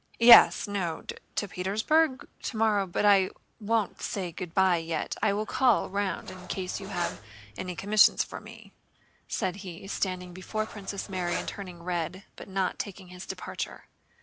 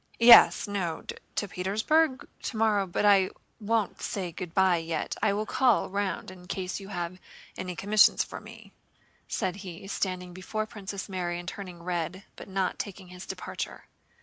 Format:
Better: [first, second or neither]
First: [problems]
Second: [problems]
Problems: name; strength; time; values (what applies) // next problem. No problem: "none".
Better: second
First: background sound (Cutlery, silverware); 14 dB below the speech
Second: none